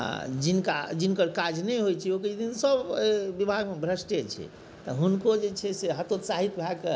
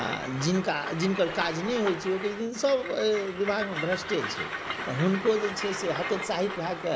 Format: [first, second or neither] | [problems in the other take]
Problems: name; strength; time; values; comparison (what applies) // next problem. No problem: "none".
first | background sound (Train); 7 dB below the speech